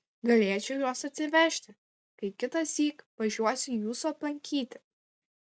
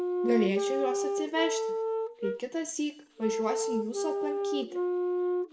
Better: first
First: none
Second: background sound (Wind instrument, woodwind instrument); 2 dB above the speech // room echo; dies away in 0.5 s

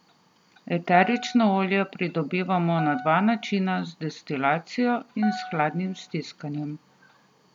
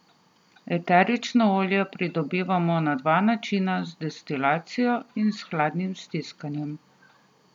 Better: second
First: background sound (Piano); 14 dB below the speech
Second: none

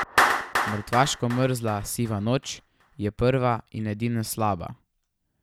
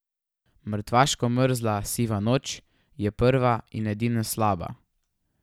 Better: second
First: background sound (Clapping); 4 dB below the speech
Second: none

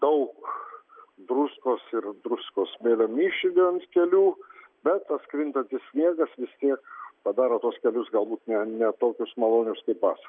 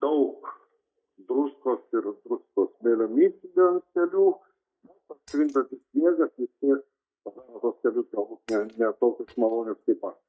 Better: first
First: none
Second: noise reduction (neural mask model DeepFilterNet 3)

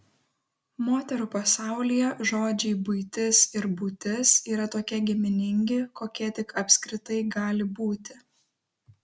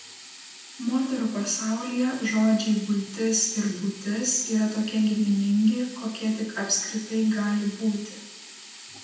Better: first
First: none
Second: background sound (Sink (filling or washing)); 18 dB below the speech // room echo; dies away in 0.9 s

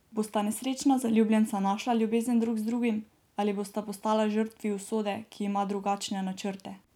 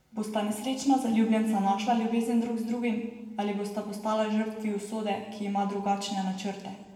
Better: first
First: none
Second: room echo; dies away in 1.2 s

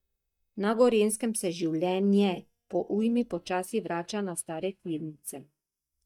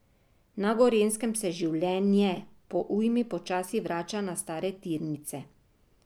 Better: second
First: noise reduction (neural mask model DeepFilterNet 3)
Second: none

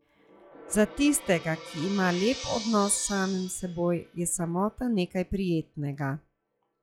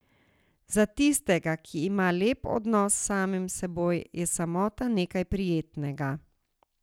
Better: second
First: noise reduction (classical method log-MMSE)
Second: none

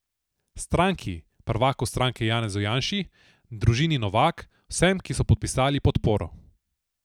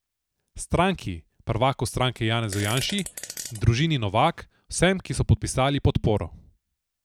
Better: first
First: none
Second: background sound (Fart); 14 dB below the speech

